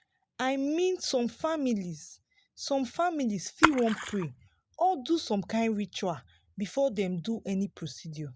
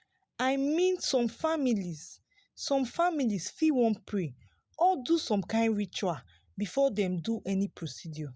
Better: second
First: background sound (Splash, splatter); 2 dB below the speech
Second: none

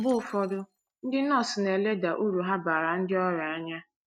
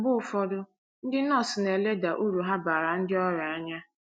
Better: second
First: noise reduction (neural mask model RNNoise)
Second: none

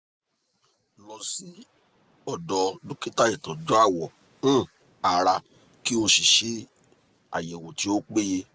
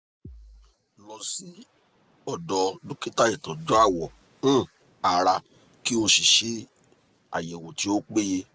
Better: first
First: none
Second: background sound (Bass drum); 20 dB below the speech

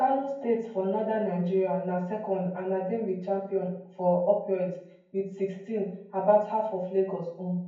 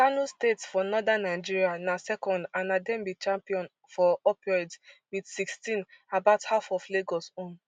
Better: second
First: room echo; dies away in 0.9 s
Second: none

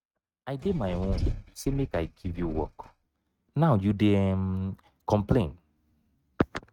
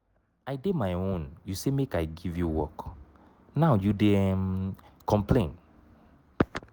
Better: second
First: noise reduction (neural mask model RNNoise)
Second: none

